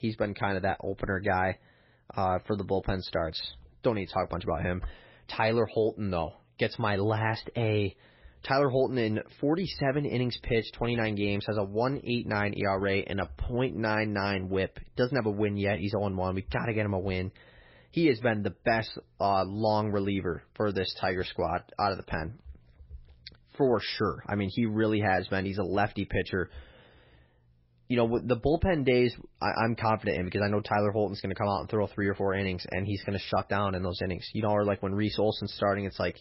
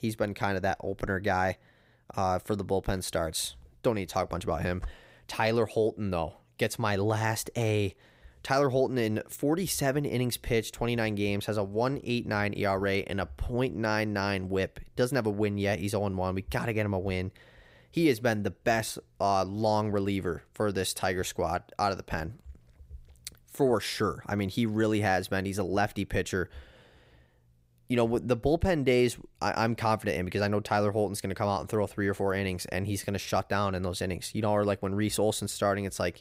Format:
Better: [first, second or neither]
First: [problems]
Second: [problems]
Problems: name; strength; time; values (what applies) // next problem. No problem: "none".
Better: second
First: garbled, watery; badly; nothing above 5.5 kHz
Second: none